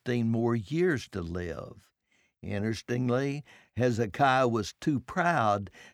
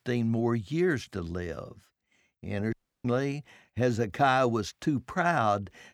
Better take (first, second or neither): first